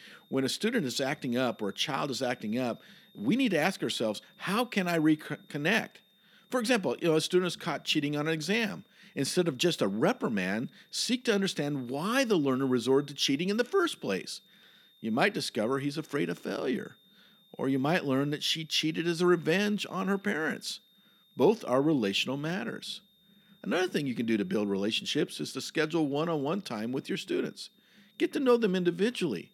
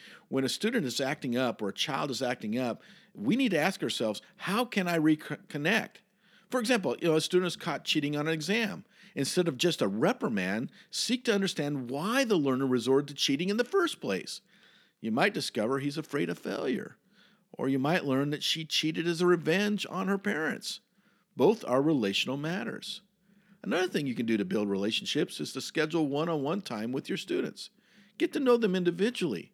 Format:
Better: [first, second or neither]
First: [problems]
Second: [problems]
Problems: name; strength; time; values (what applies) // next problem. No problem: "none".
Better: second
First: high-pitched whine; faint; throughout; 3.5 kHz, 30 dB below the speech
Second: none